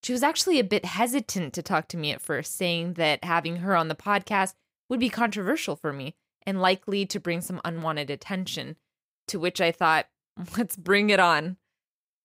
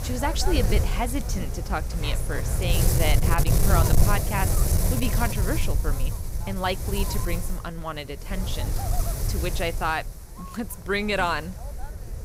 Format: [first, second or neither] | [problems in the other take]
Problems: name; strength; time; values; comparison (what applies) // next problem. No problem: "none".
first | wind noise on the microphone; heavy; 6 dB below the speech